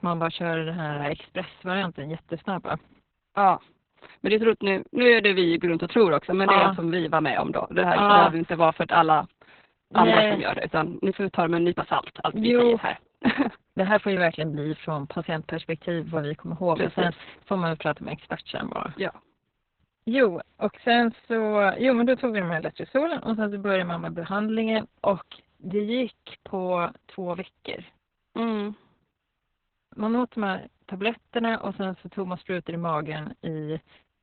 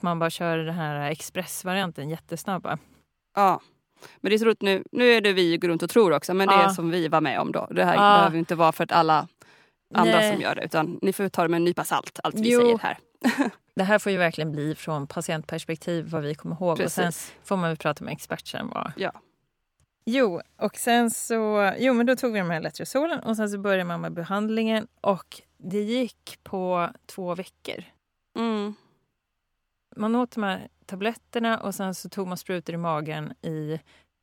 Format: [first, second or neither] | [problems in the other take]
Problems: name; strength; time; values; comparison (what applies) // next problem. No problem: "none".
second | garbled, watery; badly; nothing above 4 kHz